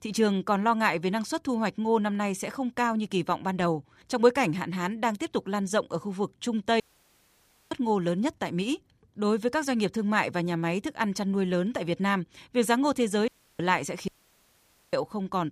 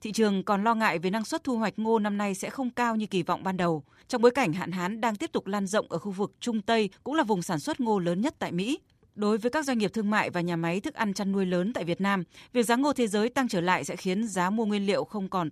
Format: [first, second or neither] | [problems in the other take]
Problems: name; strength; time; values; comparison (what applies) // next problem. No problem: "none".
second | audio cutting out; at 7 s for 1 s, at 13 s and at 14 s for 1 s